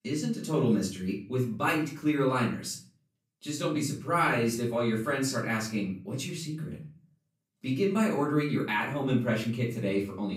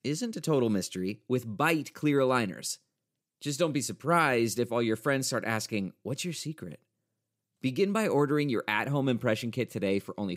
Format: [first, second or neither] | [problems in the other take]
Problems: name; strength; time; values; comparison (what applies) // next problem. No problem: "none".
second | off-mic speech; far // room echo; slight; dies away in 0.4 s